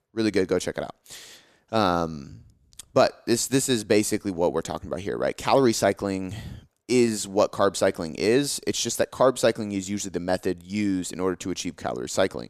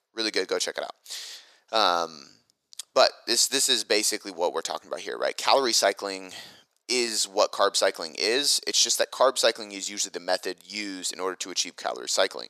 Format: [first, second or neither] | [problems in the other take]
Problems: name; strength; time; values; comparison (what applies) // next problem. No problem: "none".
first | thin; somewhat; fading below 600 Hz